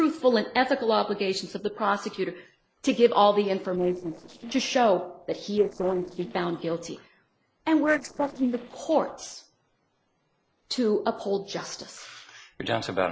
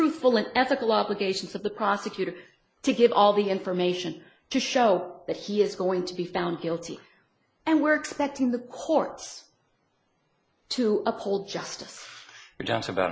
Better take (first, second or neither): second